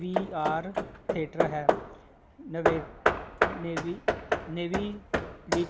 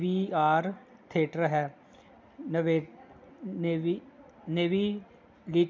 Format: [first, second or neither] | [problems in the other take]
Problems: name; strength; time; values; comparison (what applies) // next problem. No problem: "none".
second | background sound (Hammer / Wood); 4 dB above the speech